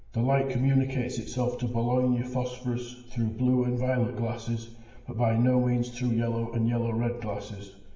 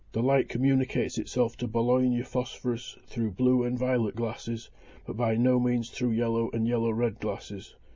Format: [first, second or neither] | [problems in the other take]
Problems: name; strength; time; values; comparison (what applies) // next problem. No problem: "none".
second | room echo; dies away in 1 s